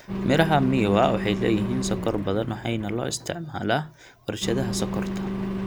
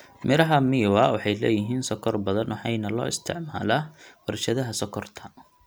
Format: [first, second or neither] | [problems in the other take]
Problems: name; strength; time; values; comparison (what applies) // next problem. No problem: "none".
second | background sound (Engine); 5 dB below the speech